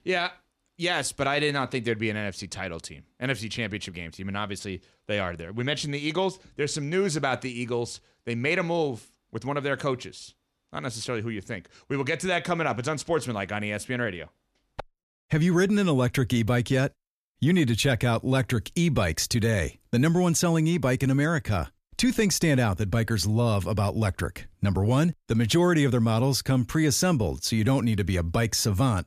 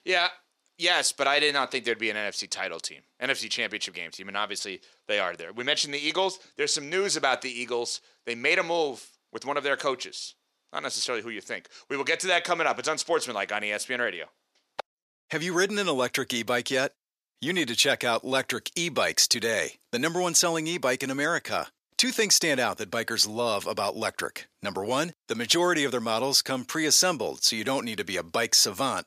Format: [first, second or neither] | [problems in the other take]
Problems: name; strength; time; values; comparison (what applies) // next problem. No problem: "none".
first | thin; somewhat; fading below 450 Hz